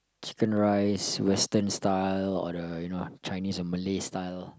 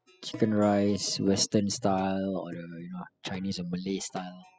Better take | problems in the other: first | noise reduction (classical method spectral subtraction)

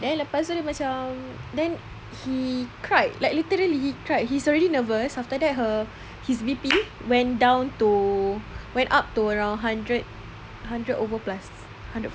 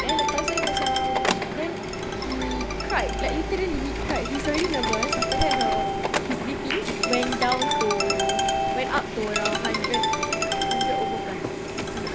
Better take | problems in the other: first | background sound (Printer + Ringtone); 4 dB above the speech

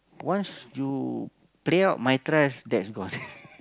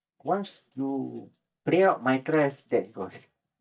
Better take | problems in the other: first | noise reduction (neural mask model DeepFilterNet 3)

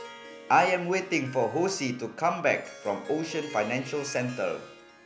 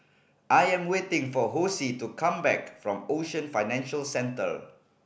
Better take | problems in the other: second | background sound (Harp); 17 dB below the speech

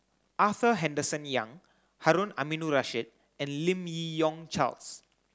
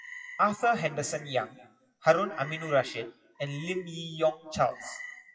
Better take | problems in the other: first | noise reduction (classical method WPE with log-MMSE)

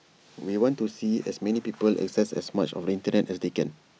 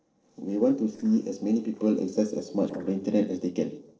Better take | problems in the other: first | noise reduction (neural separator model SepFormer DNS4)

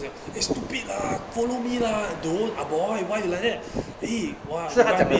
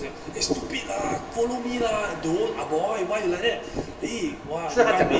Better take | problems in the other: first | room echo; dies away in 0.8 s

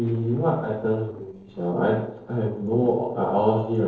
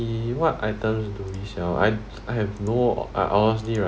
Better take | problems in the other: second | noise reduction (neural separator model SepFormer DNS4)

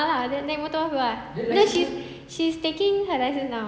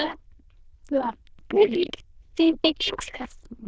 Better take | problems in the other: first | noise reduction (neural diffusion model UNIVERSE++)

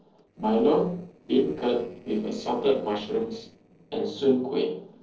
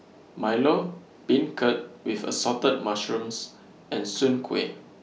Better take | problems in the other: second | noise reduction (neural separator model SepFormer DNS4)

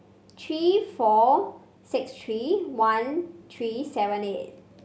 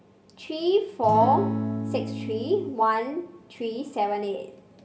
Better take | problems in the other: first | background sound (Acoustic guitar / Strum); 3 dB below the speech // room echo; dies away in 0.5 s

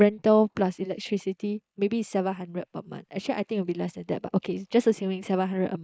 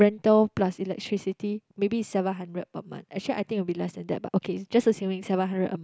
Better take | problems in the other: second | noise reduction (neural mask model Resemble Enhance denoiser)

